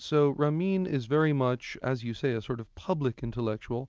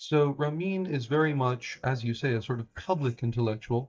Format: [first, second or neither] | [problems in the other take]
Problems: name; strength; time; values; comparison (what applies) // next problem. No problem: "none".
first | noise reduction (neural mask model DeepFilterNet 3)